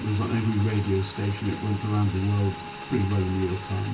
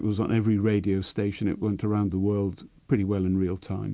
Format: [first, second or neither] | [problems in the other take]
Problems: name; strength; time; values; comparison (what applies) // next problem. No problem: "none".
second | background sound (Motorcycle / Engine); 13 dB below the speech // room echo; dies away in 0.3 s